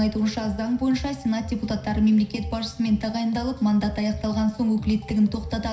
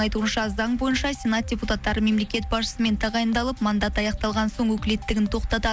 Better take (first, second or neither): second